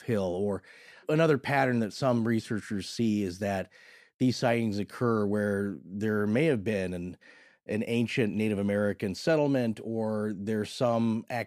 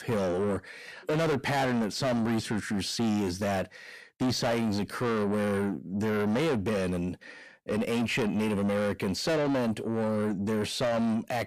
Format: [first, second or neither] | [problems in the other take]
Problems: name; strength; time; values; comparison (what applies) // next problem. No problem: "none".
first | distortion; heavy; 6 dB below the speech